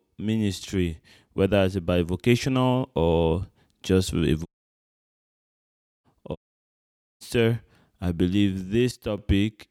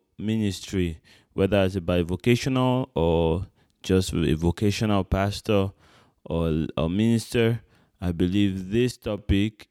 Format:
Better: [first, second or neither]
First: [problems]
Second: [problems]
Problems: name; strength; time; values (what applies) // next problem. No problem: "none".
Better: second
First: audio cutting out; at 4.5 s for 1.5 s and at 6.5 s for 1 s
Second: none